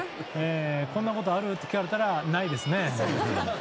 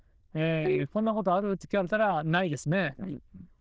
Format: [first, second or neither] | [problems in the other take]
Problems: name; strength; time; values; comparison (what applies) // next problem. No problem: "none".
first | noise reduction (neural diffusion model UNIVERSE++)